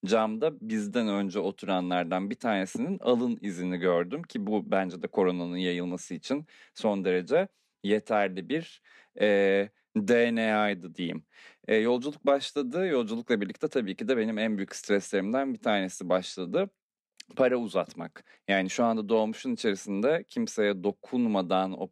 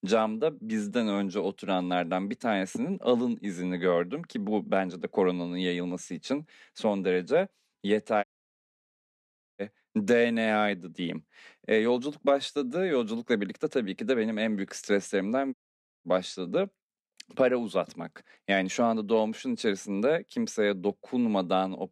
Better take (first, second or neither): first